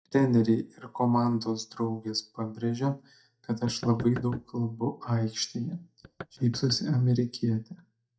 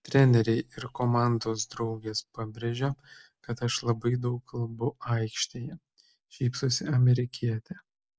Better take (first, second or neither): second